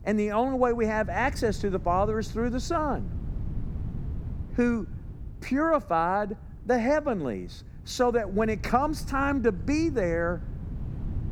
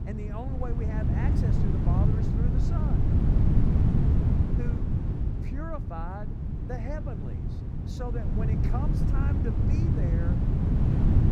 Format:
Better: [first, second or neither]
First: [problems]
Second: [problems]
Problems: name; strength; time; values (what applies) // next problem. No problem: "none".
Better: first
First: wind noise on the microphone; occasional gusts; 25 dB below the speech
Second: wind noise on the microphone; heavy; 3 dB above the speech